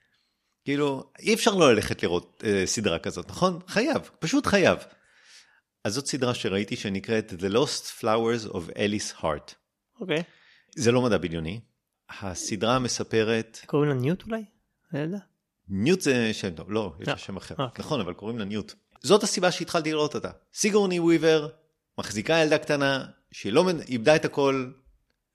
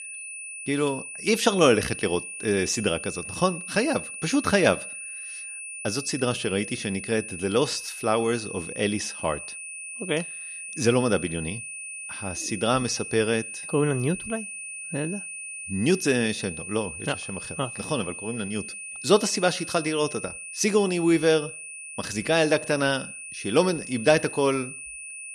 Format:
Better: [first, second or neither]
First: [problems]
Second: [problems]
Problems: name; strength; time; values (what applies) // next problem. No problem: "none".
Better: first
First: none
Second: high-pitched whine; loud; throughout; 2.5 kHz, 9 dB below the speech